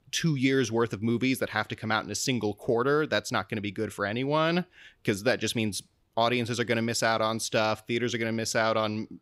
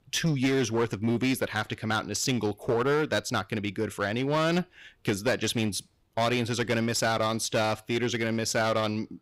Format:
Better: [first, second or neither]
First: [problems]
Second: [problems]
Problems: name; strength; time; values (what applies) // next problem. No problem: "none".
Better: first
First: none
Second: distortion; slight; 8% of the sound clipped